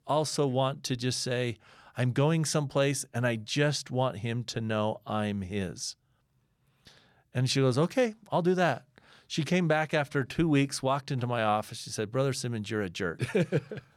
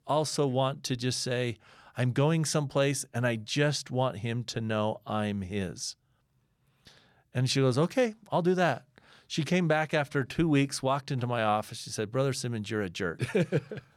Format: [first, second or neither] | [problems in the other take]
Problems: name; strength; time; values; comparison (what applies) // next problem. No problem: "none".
neither | none